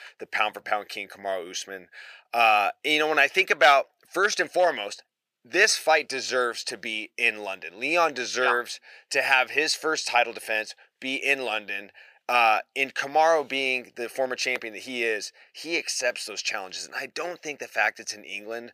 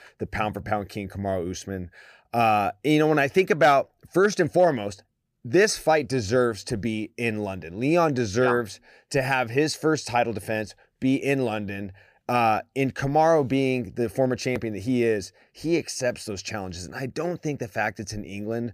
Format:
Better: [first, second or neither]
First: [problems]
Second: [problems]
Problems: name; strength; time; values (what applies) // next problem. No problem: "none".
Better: second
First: thin; very; fading below 600 Hz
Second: none